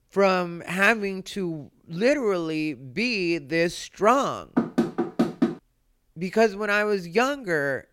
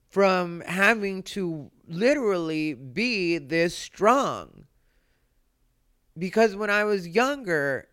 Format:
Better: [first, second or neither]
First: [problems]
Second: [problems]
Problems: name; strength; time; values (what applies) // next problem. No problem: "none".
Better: second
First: door banging; noticeable; at 4.5 s; peak level with the speech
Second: none